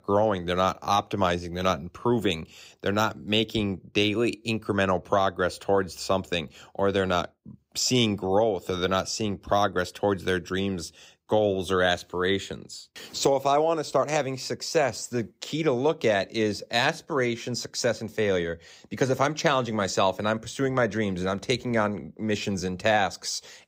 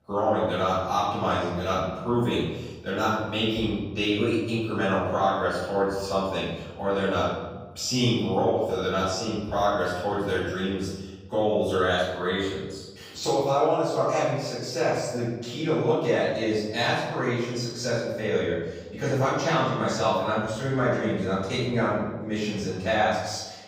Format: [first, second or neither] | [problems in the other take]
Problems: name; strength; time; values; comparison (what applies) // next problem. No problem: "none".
first | off-mic speech; far // room echo; strong; dies away in 1.1 s